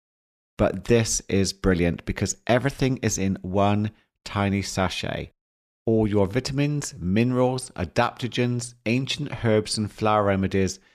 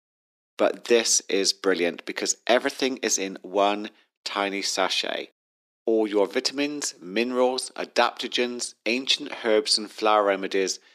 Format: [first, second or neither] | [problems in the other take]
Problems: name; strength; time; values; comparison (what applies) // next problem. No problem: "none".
first | thin; somewhat; fading below 300 Hz